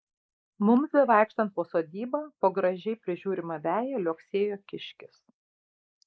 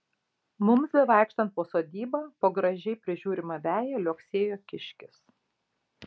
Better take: second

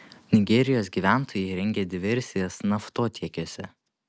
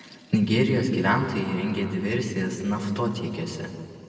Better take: first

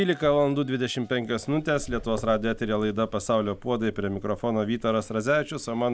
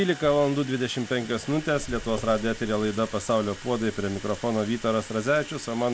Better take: first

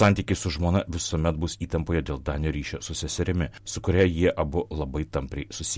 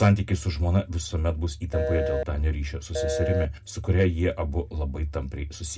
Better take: first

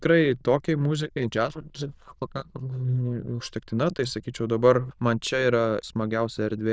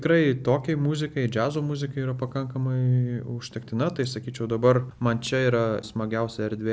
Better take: second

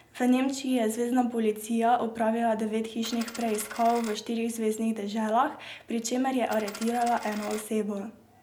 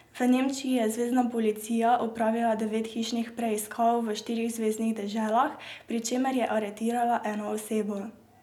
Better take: second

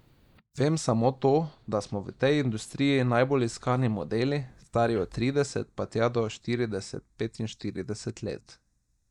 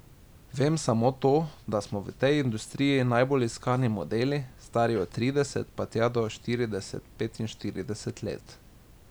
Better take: second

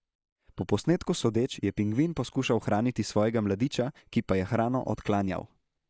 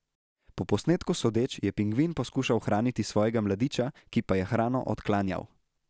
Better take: second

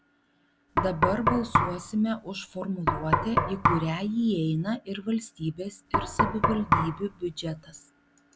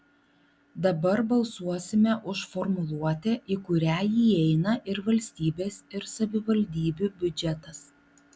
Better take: second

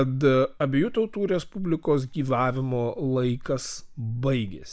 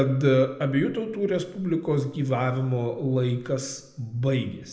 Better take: first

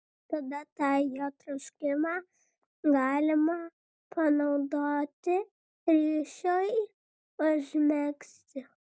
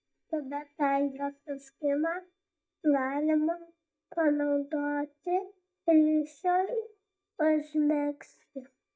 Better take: first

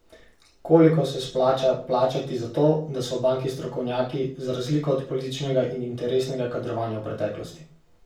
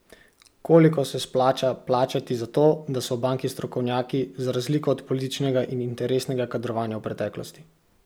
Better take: second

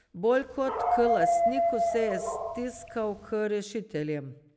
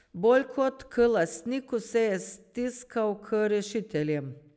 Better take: second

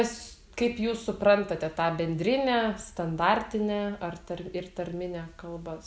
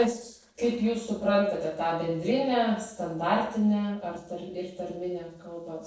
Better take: first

